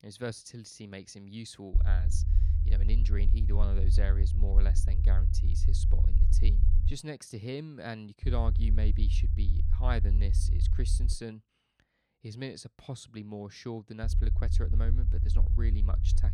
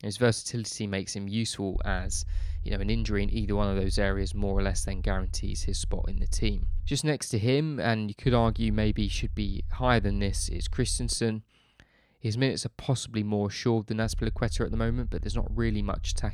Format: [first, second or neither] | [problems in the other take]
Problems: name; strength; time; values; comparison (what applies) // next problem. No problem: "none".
second | low rumble; loud; from 1.5 to 7 s, from 8 to 11 s and from 14 s on; 5 dB below the speech; faint in the second